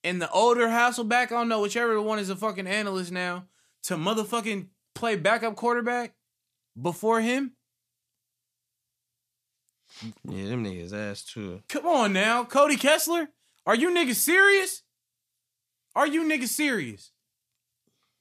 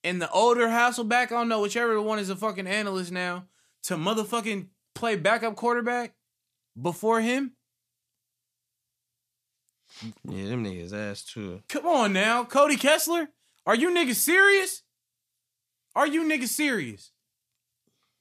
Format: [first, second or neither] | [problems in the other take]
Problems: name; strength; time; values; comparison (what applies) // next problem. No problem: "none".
neither | none